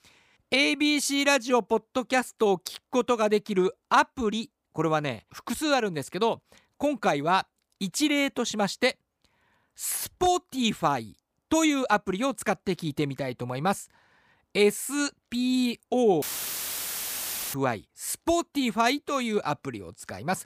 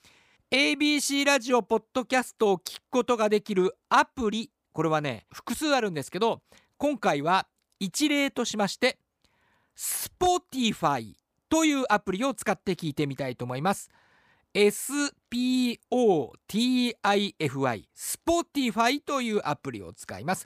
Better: second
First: audio cutting out; filled with static; at 16 s for 1.5 s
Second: none

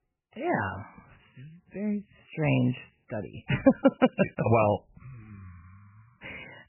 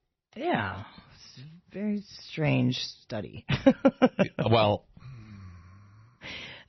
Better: second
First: garbled, watery; badly; nothing above 3 kHz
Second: garbled, watery; slightly; nothing above 6 kHz

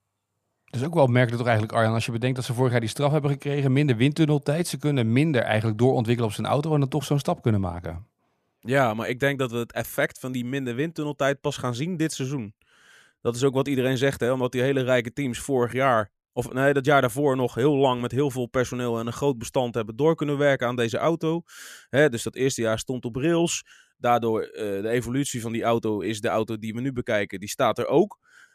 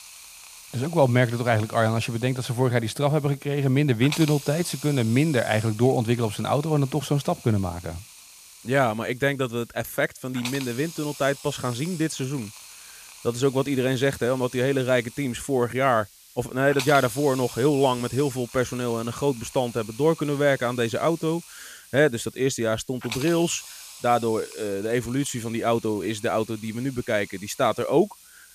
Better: first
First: none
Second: hiss; noticeable; throughout; 15 dB below the speech

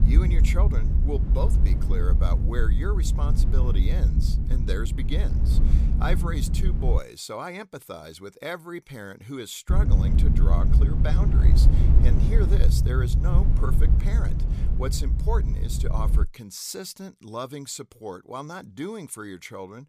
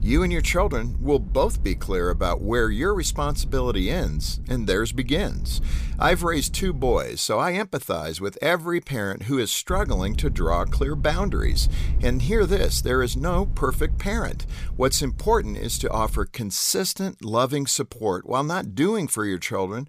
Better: second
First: low rumble; loud; until 7 s and from 9.5 to 16 s; 3 dB below the speech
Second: low rumble; faint; until 7 s and from 9.5 to 16 s; 20 dB below the speech

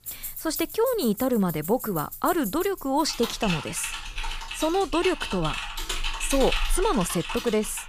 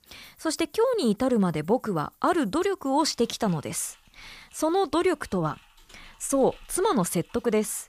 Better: second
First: household noises; loud; throughout; 7 dB below the speech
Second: household noises; faint; throughout; 30 dB below the speech

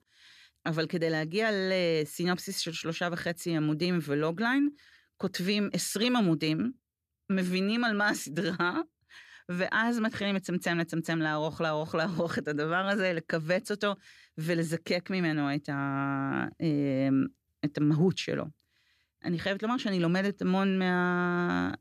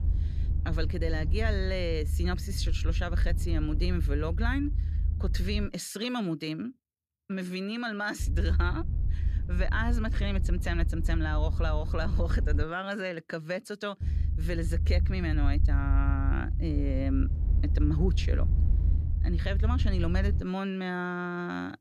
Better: first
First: none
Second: low rumble; noticeable; until 5.5 s, from 8 to 13 s and from 14 to 20 s; 10 dB below the speech

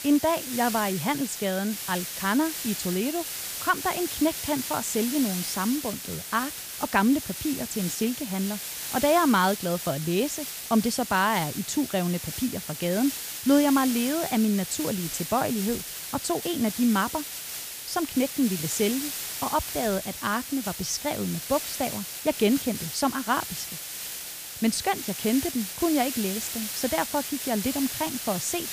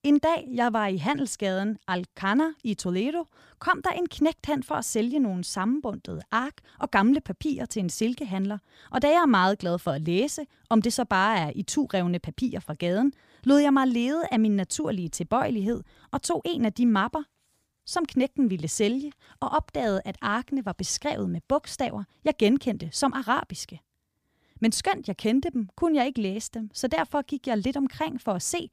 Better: second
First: hiss; loud; throughout; 5 dB below the speech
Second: none

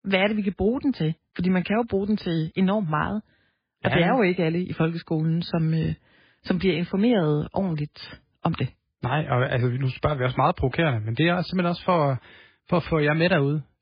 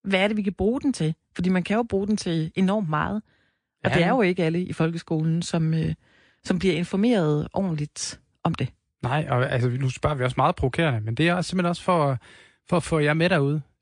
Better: second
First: garbled, watery; badly; nothing above 4 kHz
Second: garbled, watery; slightly; nothing above 9 kHz

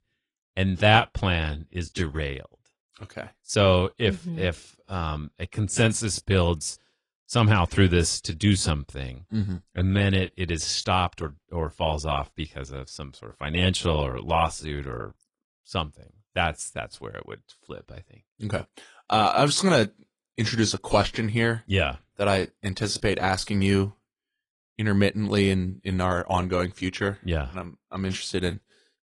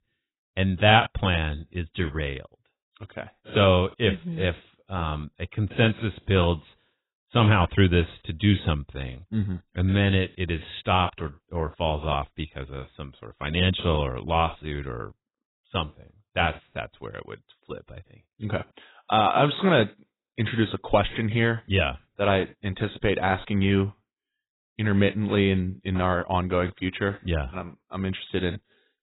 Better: first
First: garbled, watery; slightly; nothing above 10 kHz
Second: garbled, watery; badly; nothing above 4 kHz

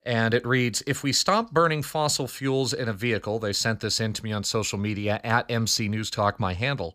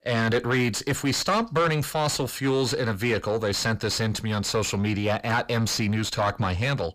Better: first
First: none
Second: distortion; heavy; 7 dB below the speech

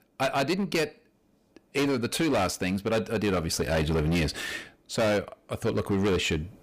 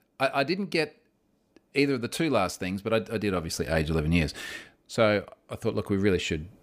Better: second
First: distortion; heavy; 14% of the sound clipped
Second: none

